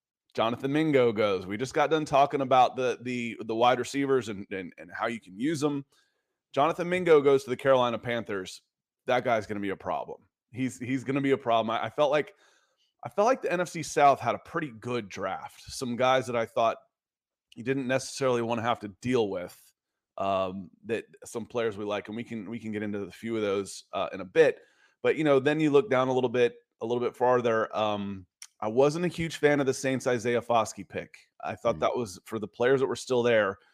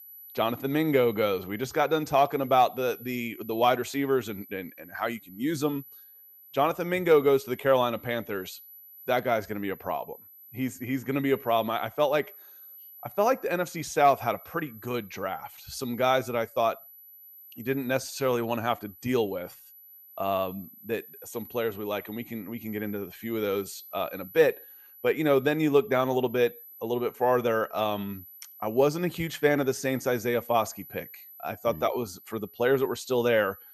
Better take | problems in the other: first | high-pitched whine; noticeable; throughout; 12 kHz, 20 dB below the speech

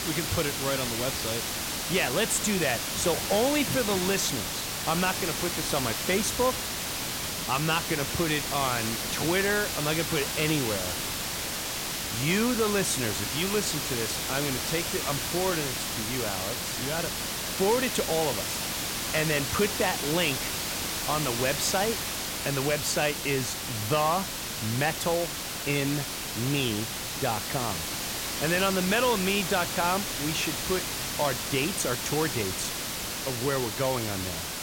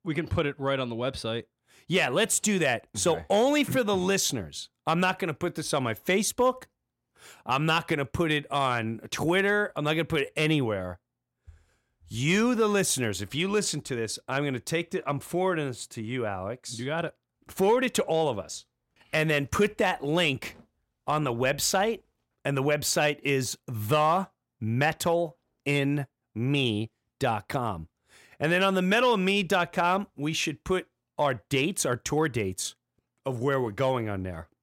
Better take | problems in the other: second | hiss; loud; throughout; 1 dB below the speech

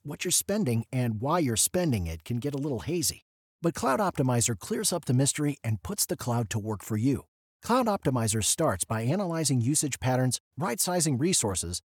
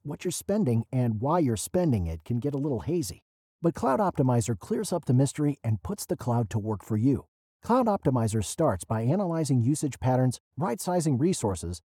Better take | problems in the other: first | muffled; slightly; fading above 1.5 kHz

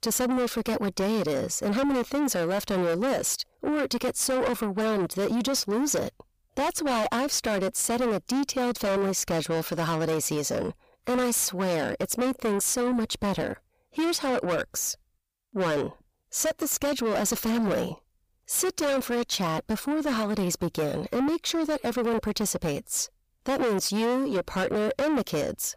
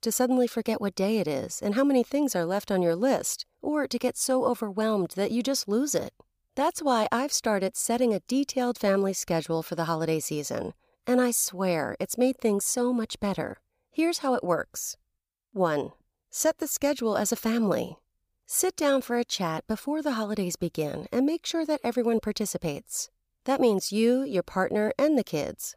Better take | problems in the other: second | distortion; heavy; 6 dB below the speech

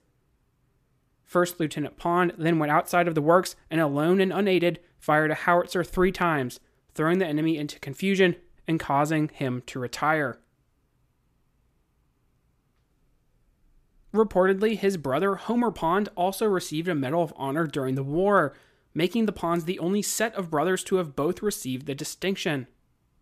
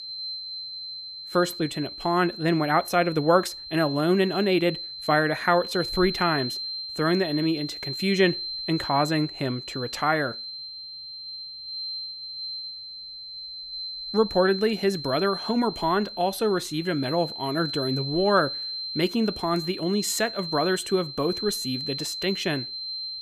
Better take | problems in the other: first | high-pitched whine; loud; throughout; 4 kHz, 7 dB below the speech

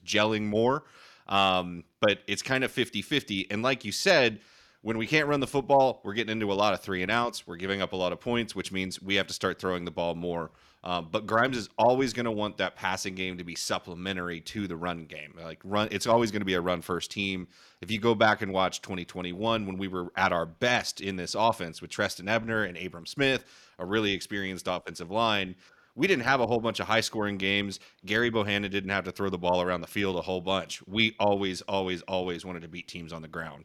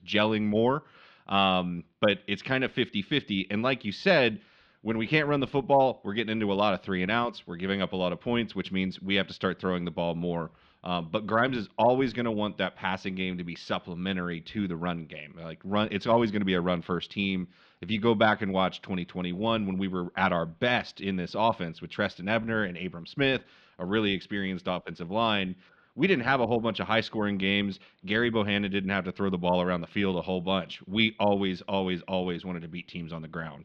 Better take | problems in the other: first | muffled; slightly; fading above 3.5 kHz

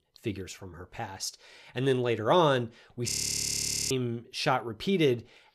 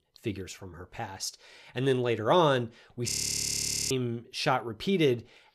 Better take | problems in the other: neither | audio freezing; at 3 s for 1 s; the same in both

